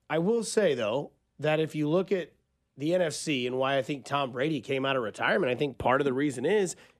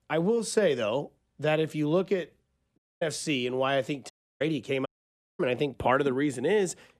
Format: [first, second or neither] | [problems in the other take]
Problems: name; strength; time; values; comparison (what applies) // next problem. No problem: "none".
first | audio cutting out; at 3 s, at 4 s and at 5 s for 0.5 s